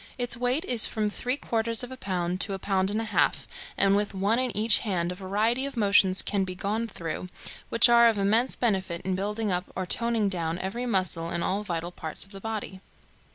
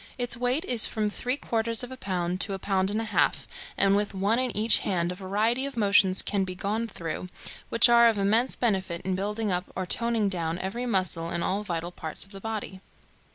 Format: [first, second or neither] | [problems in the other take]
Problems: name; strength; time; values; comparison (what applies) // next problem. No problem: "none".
first | noise reduction (neural mask model Resemble Enhance denoiser)